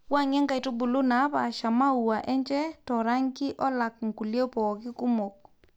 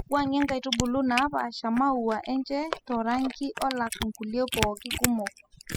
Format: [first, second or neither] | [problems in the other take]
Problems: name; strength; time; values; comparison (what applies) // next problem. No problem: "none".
first | noise reduction (classical method spectral subtraction)